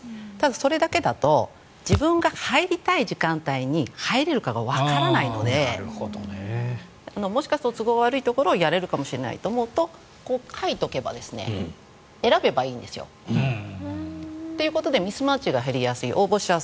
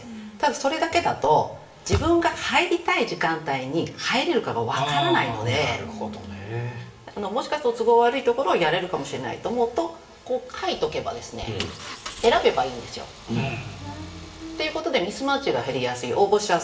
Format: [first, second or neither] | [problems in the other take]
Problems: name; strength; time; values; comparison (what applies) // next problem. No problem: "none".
first | background sound (Engine); 16 dB below the speech // room echo; dies away in 0.7 s